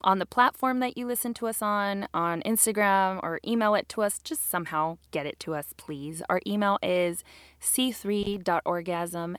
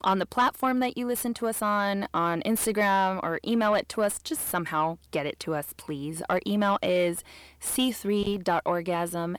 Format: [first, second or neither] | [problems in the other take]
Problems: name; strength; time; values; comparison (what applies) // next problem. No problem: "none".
first | distortion; slight; 10 dB below the speech